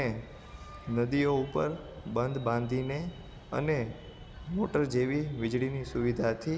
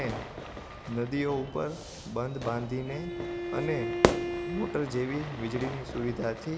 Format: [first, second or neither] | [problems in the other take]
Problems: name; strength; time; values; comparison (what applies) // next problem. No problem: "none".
first | background sound (Fire / Fireworks + Bowed string instrument); 1 dB below the speech